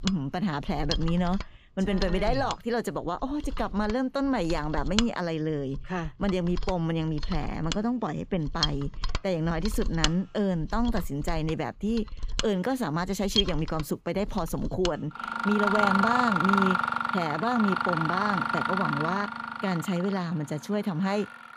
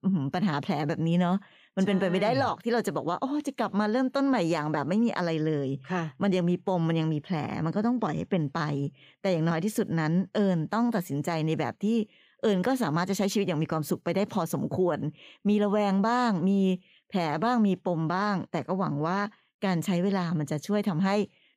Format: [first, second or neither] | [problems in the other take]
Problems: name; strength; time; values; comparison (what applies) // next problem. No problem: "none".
second | machinery noise; loud; throughout; 2 dB below the speech